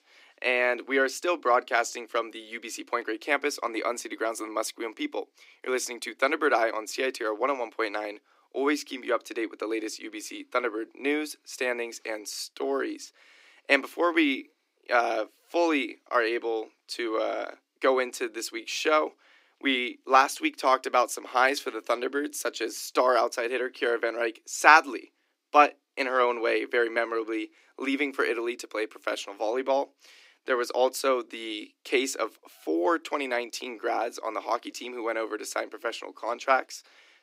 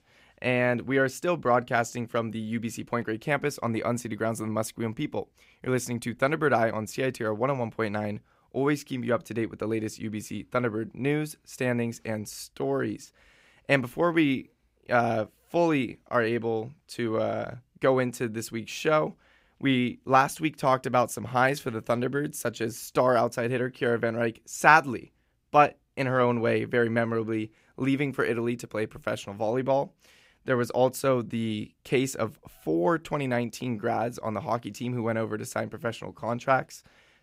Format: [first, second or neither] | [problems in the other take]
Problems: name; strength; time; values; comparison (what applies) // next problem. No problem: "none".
second | thin; somewhat; fading below 300 Hz